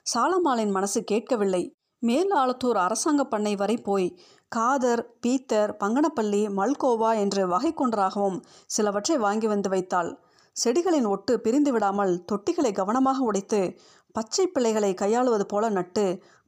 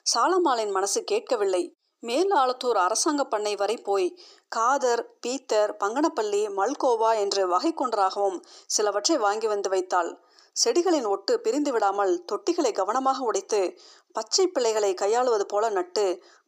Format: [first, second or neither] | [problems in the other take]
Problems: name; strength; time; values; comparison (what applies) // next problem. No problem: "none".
first | thin; somewhat; fading below 350 Hz